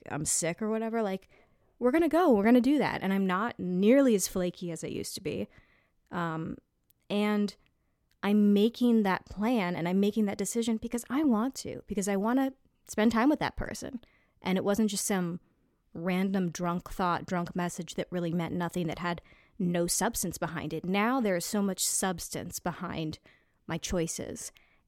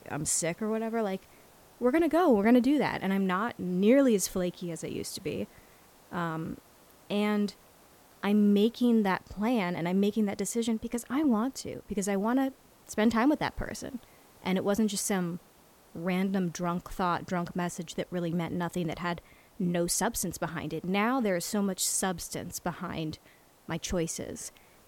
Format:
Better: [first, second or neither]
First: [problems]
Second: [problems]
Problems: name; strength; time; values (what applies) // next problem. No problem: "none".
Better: first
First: none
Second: hiss; faint; throughout; 30 dB below the speech